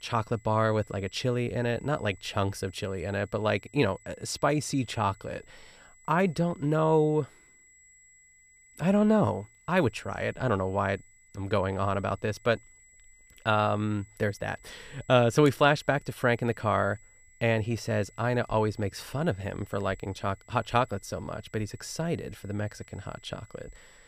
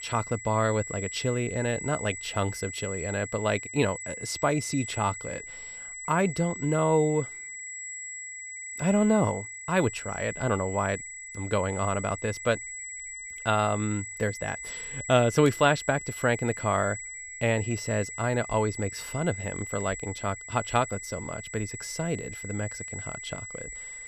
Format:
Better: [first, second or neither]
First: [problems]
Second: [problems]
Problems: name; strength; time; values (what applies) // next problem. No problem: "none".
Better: first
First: high-pitched whine; faint; throughout; 2 kHz, 30 dB below the speech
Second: high-pitched whine; loud; throughout; 2 kHz, 9 dB below the speech